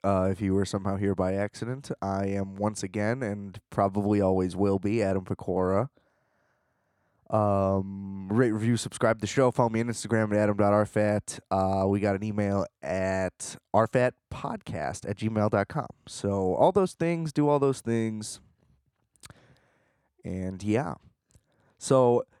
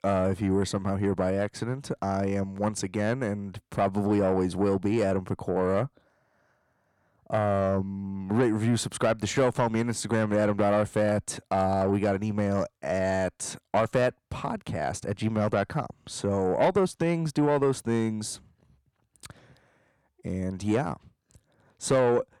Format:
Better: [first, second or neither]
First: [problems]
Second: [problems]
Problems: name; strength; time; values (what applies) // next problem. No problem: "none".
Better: first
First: none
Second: distortion; slight; 10 dB below the speech